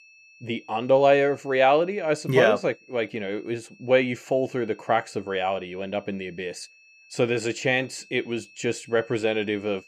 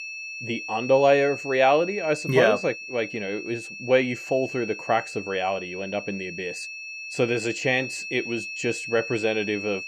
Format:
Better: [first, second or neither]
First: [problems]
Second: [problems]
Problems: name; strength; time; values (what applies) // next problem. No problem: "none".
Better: first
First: high-pitched whine; faint; throughout; 2.5 kHz, 25 dB below the speech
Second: high-pitched whine; loud; throughout; 2.5 kHz, 9 dB below the speech